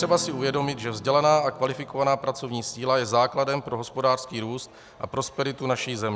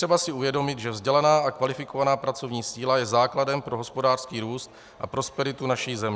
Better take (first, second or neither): second